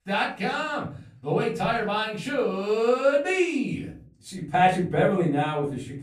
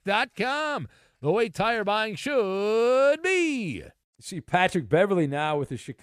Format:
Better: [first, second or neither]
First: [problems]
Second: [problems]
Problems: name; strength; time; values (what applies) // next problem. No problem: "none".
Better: second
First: off-mic speech; far // room echo; slight; dies away in 0.4 s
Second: none